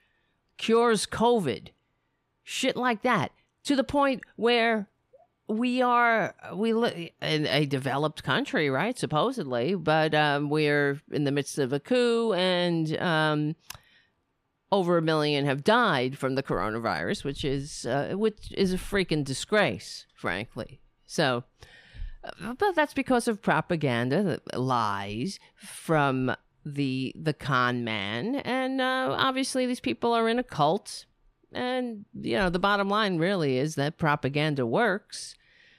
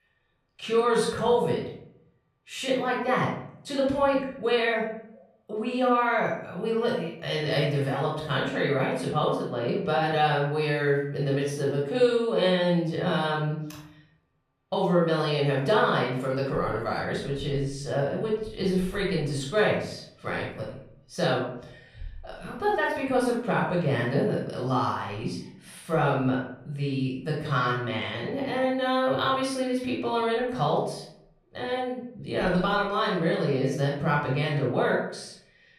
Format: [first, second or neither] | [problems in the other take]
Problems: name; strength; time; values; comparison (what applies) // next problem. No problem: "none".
first | off-mic speech; far // room echo; noticeable; dies away in 0.6 s